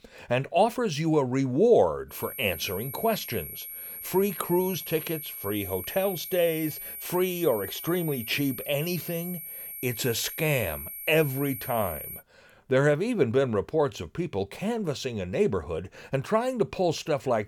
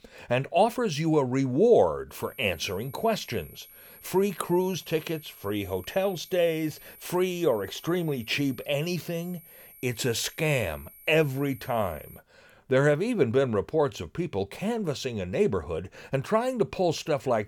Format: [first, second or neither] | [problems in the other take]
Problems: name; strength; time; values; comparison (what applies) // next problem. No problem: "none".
second | high-pitched whine; loud; from 2 to 12 s; 11.5 kHz, 9 dB below the speech; faint in the second